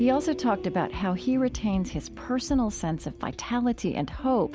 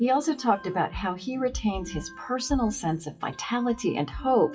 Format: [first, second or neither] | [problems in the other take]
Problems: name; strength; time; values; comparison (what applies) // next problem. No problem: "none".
first | noise reduction (classical method WPE with log-MMSE)